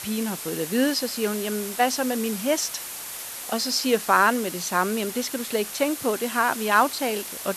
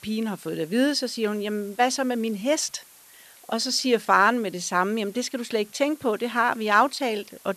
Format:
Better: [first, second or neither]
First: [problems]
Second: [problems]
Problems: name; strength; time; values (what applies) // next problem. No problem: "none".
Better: second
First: hiss; loud; throughout; 8 dB below the speech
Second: hiss; faint; throughout; 25 dB below the speech